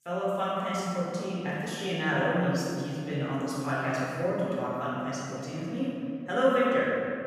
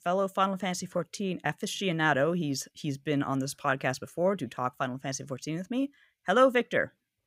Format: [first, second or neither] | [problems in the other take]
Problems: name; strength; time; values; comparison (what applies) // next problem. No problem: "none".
second | room echo; strong; dies away in 2.5 s // off-mic speech; far